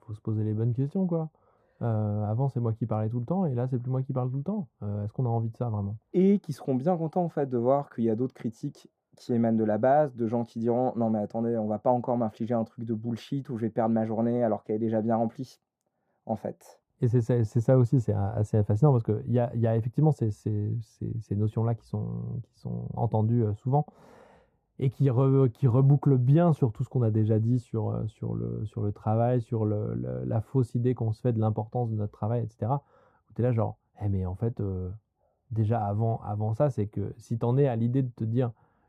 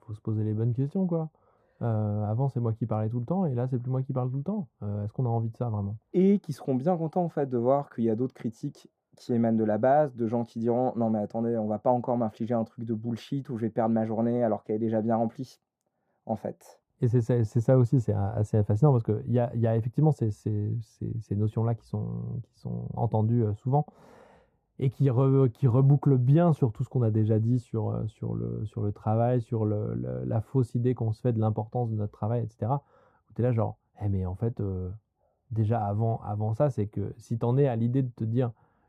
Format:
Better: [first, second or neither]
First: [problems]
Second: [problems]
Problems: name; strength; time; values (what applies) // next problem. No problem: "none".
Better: neither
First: muffled; very; fading above 1.5 kHz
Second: muffled; very; fading above 1.5 kHz